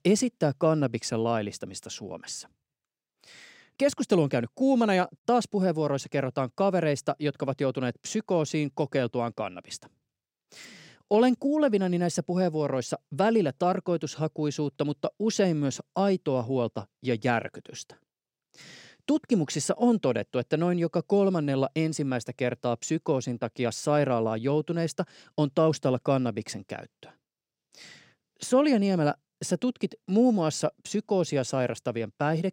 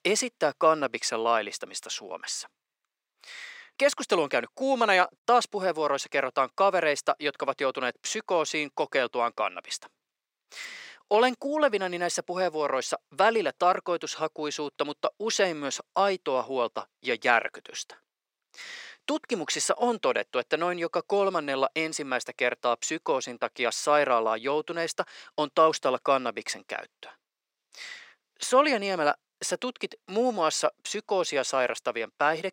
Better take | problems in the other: first | thin; somewhat; fading below 500 Hz

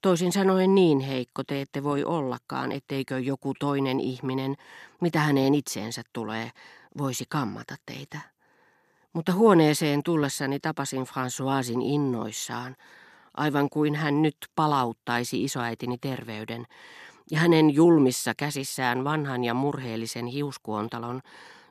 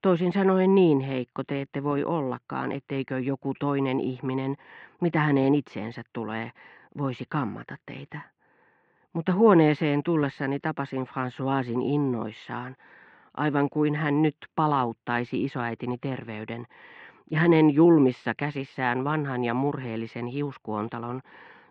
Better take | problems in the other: first | muffled; very; fading above 2.5 kHz

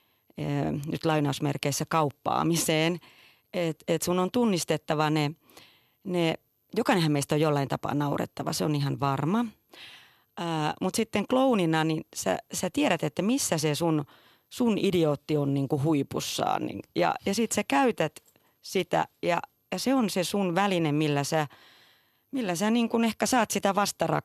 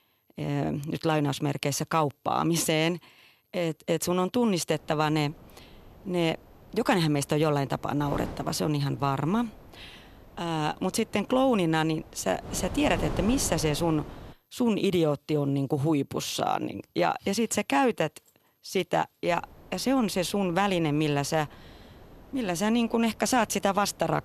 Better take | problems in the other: first | wind noise on the microphone; occasional gusts; from 4.5 to 14 s and from 19 s on; 20 dB below the speech

